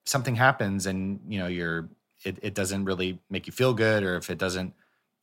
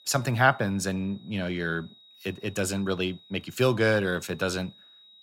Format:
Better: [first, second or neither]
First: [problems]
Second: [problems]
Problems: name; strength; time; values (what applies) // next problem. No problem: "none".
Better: first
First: none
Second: high-pitched whine; faint; throughout; 4 kHz, 25 dB below the speech